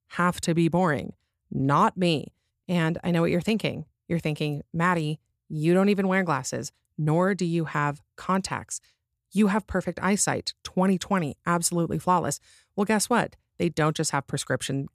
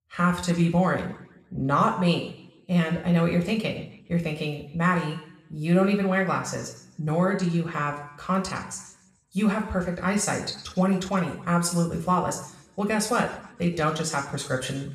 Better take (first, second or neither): first